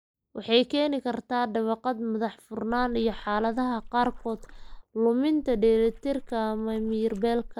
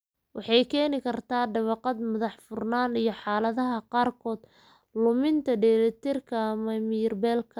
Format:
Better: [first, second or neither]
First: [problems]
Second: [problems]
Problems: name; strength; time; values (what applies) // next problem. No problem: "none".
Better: second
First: noise reduction (neural mask model Resemble Enhance denoiser)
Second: none